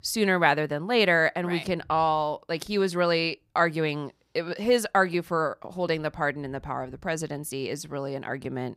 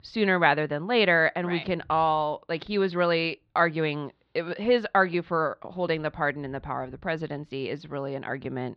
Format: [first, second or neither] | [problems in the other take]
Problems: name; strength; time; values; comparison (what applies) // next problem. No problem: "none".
first | muffled; very slightly; fading above 4 kHz